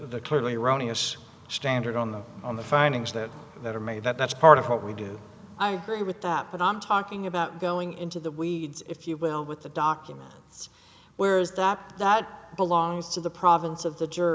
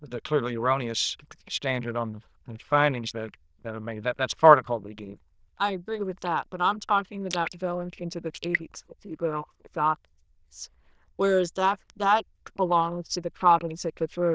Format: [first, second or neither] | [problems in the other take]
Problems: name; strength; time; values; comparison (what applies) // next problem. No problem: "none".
first | noise reduction (neural diffusion model UNIVERSE++)